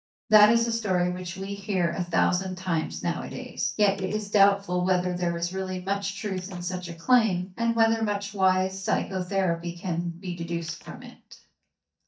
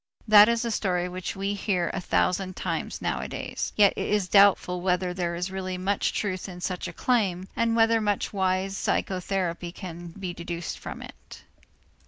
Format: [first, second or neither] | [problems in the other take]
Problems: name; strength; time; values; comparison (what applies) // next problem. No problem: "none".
second | noise reduction (neural mask model DeepFilterNet 3)